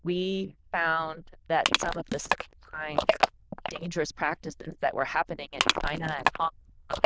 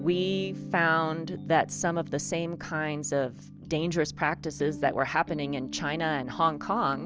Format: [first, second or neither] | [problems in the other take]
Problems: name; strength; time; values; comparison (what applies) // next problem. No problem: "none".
second | noise reduction (neural diffusion model UNIVERSE++)